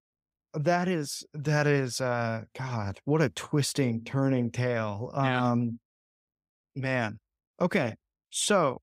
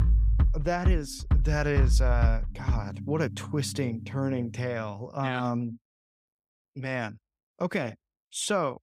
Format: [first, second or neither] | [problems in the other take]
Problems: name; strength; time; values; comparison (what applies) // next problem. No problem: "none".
first | background music; very loud; until 5 s; 3 dB above the speech